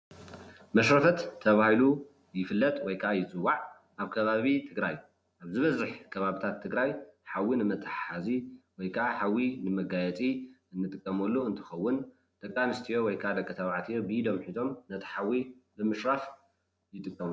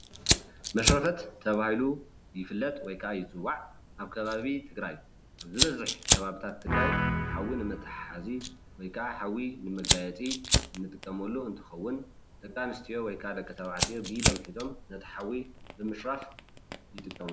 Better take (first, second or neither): first